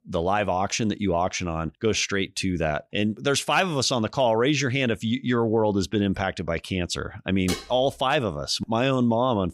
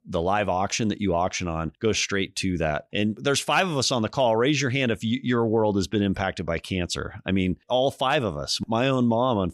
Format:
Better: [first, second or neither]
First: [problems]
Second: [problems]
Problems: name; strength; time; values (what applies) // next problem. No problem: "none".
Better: second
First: clattering dishes; noticeable; at 7.5 s; peak 8 dB below the speech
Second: none